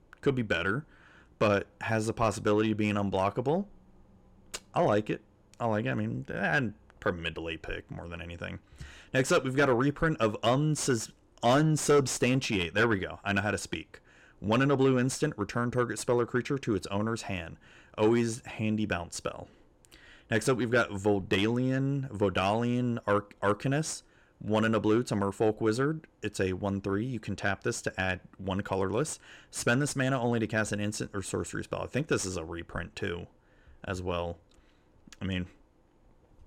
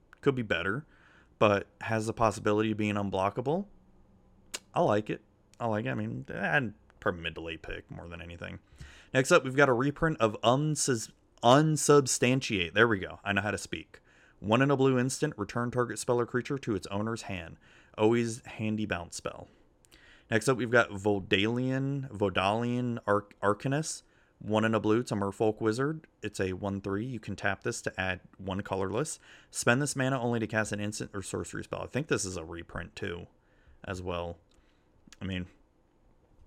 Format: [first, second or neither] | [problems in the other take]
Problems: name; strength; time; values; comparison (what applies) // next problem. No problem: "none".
second | distortion; slight; 10 dB below the speech